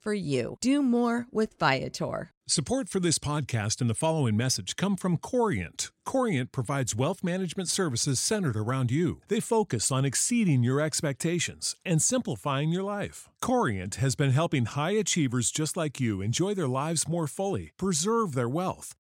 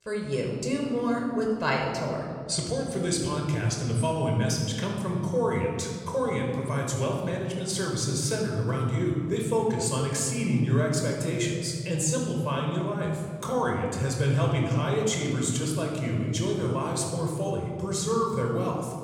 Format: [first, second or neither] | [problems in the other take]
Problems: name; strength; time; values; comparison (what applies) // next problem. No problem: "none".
first | off-mic speech; somewhat distant // room echo; noticeable; dies away in 2.1 s